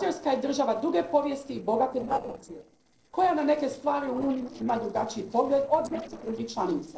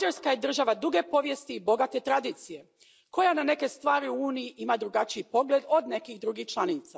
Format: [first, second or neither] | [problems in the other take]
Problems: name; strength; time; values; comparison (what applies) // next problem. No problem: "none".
second | noise reduction (neural separator model SepFormer DNS4)